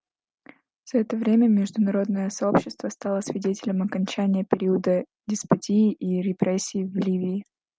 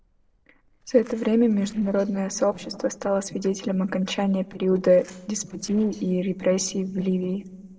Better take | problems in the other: first | noise reduction (neural separator model SepFormer DNS4)

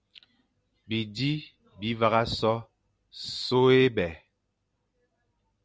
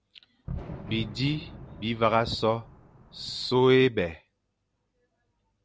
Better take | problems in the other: first | background sound (Fireworks); 13 dB below the speech

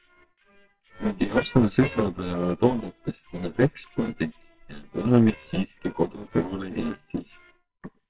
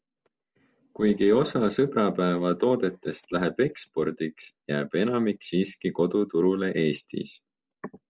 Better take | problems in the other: second | noise reduction (neural separator model SepFormer WHAMR!)

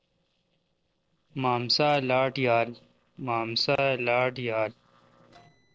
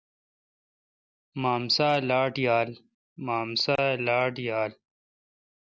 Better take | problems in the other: second | noise reduction (neural separator model SepFormer DNS4)

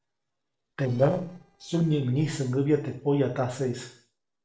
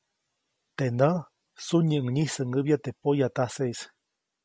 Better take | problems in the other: second | noise reduction (neural separator model SepFormer DNS4)

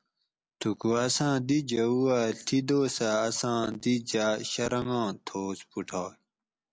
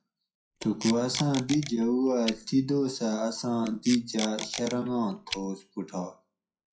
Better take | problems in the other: first | noise reduction (classical method WPE with log-MMSE)

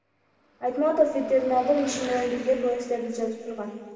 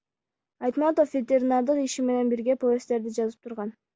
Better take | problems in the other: second | background sound (Car passing by / Traffic noise, roadway noise / Engine); 19 dB below the speech // room echo; dies away in 2.2 s

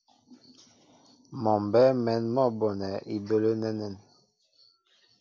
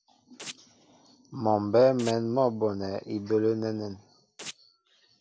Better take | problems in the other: first | background sound (Domestic sounds, home sounds); 18 dB below the speech

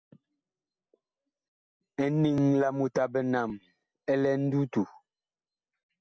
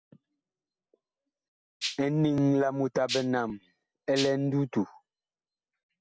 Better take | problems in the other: first | background sound (Rattle (instrument)); 5 dB below the speech

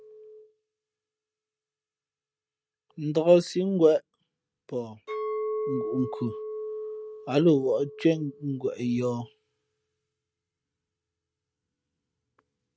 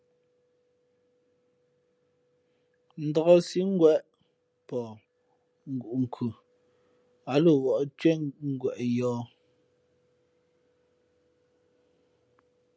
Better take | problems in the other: second | noise reduction (neural mask model RNNoise)

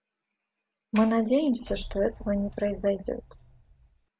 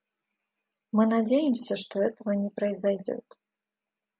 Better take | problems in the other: second | background sound (Sliding door); 14 dB below the speech

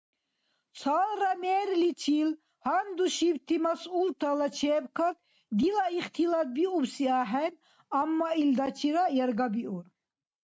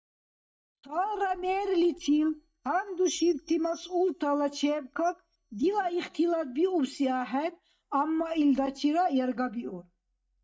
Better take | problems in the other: first | noise reduction (neural mask model DeepFilterNet 3)

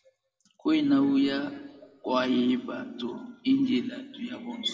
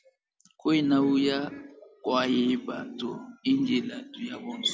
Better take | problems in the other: second | room echo; dies away in 1 s

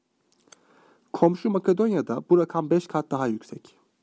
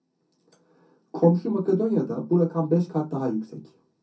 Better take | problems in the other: first | room echo; dies away in 0.3 s

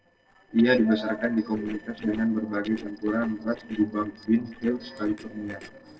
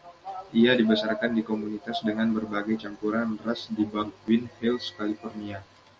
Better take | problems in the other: second | noise reduction (neural separator model SepFormer DNS4)

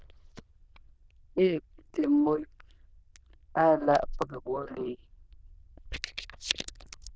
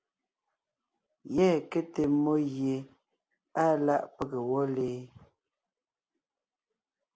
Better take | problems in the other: second | noise reduction (neural diffusion model UNIVERSE++)

